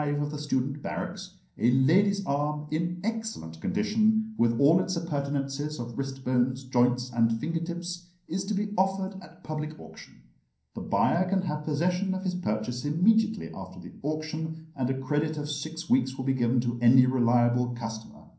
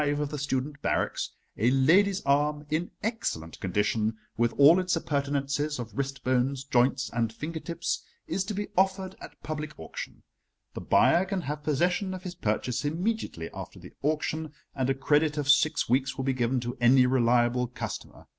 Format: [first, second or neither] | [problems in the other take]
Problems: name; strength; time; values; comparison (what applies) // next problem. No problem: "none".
second | room echo; dies away in 0.6 s